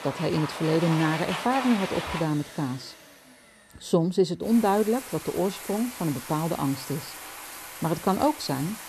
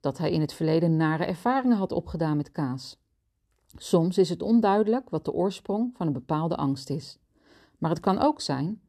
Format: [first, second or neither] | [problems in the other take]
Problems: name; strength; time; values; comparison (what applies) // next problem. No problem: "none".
second | household noises; loud; throughout; 9 dB below the speech